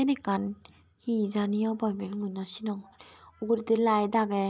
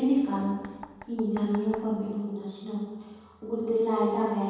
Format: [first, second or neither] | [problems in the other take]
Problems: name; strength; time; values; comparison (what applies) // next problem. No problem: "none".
first | background sound (Knock); 19 dB below the speech // room echo; dies away in 1.2 s